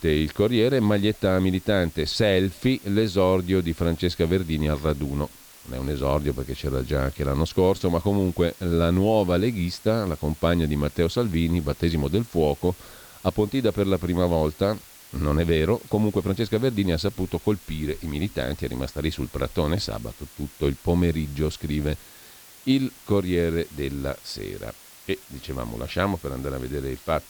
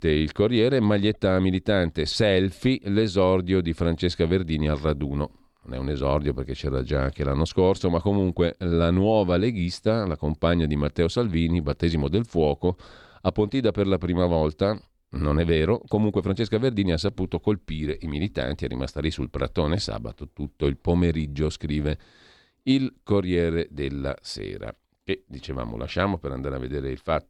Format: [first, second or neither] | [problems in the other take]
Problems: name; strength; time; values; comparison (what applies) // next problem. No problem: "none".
second | hiss; faint; throughout; 20 dB below the speech